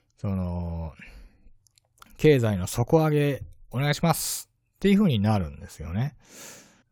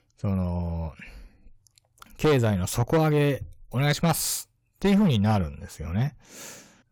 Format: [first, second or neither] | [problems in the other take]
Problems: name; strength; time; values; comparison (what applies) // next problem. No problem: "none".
first | distortion; slight; 5% of the sound clipped